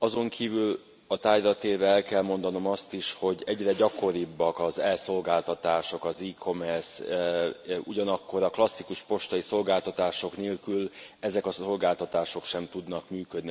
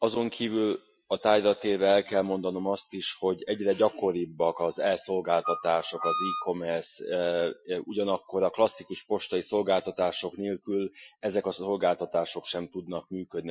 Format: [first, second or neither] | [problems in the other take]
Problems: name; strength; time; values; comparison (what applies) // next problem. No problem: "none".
first | noise reduction (classical method Wiener filter)